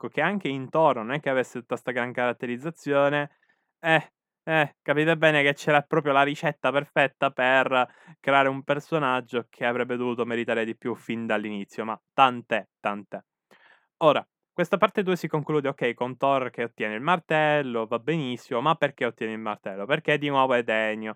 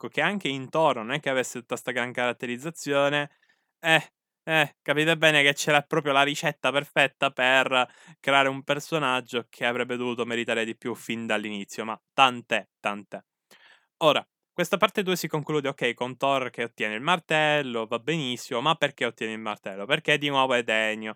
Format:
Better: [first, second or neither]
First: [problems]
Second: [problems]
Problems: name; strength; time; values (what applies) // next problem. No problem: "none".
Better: second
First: muffled; slightly; fading above 2.5 kHz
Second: none